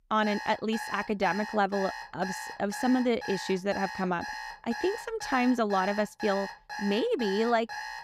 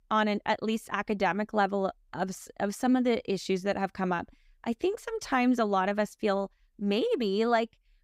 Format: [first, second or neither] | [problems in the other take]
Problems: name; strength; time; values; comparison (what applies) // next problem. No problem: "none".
second | alarm; noticeable; peak 8 dB below the speech